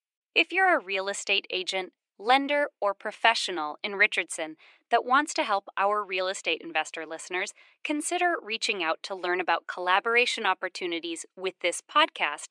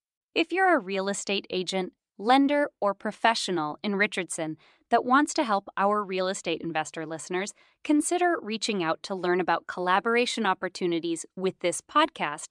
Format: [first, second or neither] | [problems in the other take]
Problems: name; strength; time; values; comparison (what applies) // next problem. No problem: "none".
second | thin; somewhat; fading below 450 Hz